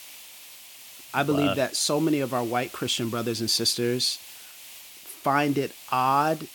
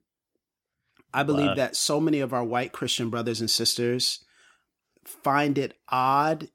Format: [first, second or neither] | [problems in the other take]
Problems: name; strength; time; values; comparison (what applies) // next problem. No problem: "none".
second | hiss; noticeable; throughout; 15 dB below the speech